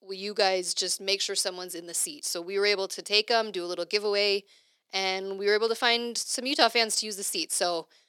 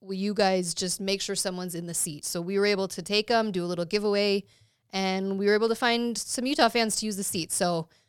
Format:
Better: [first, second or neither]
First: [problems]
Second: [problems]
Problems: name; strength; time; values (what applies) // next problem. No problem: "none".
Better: second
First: thin; somewhat; fading below 300 Hz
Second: none